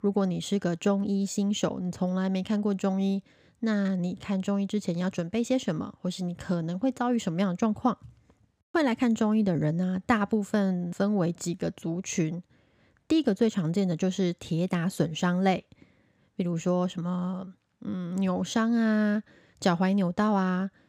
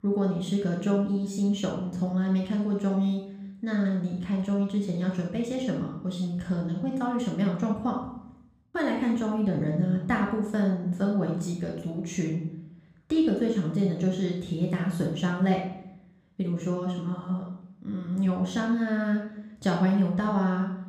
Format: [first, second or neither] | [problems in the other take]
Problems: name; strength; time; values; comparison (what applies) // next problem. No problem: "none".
first | room echo; noticeable; dies away in 0.7 s // off-mic speech; somewhat distant